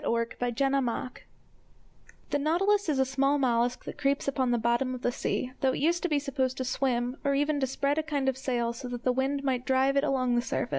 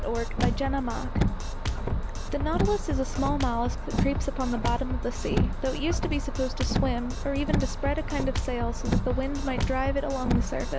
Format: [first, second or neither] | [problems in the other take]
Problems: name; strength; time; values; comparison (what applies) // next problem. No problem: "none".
first | background sound (Drum kit + Car); 3 dB above the speech